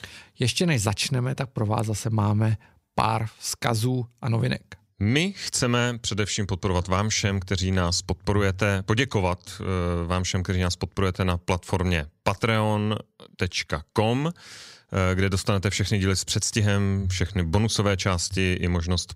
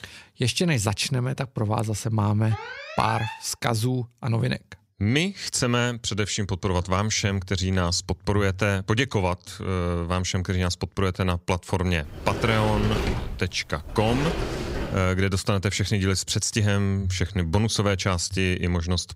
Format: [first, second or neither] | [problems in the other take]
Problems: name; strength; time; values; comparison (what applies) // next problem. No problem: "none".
first | alarm; noticeable; at 2.5 s; peak 8 dB below the speech // door banging; noticeable; from 12 to 15 s; peak 2 dB below the speech